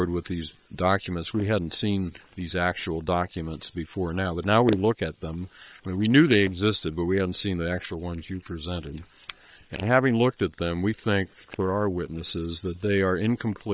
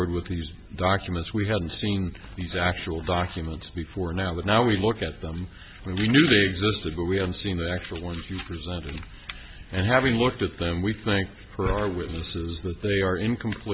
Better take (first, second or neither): second